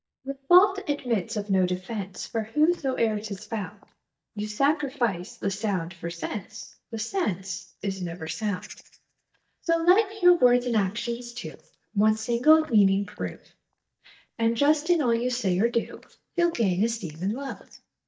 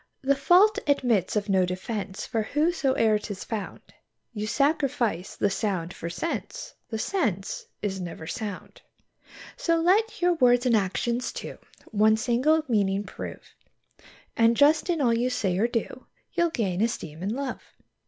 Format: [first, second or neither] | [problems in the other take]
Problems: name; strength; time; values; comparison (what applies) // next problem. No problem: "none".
second | noise reduction (neural mask model DeepFilterNet 3)